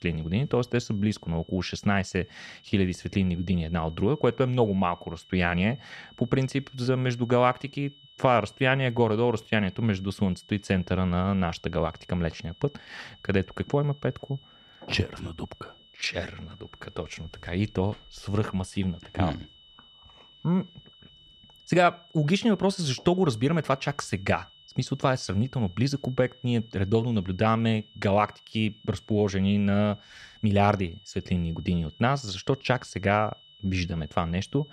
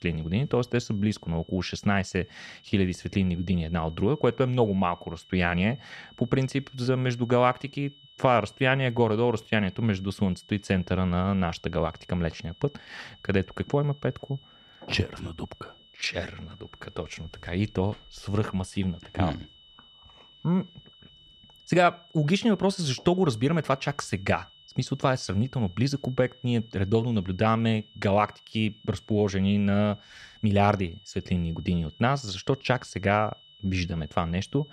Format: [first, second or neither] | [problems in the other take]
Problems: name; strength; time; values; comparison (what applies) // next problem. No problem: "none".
neither | high-pitched whine; faint; throughout; 3 kHz, 25 dB below the speech; the same in both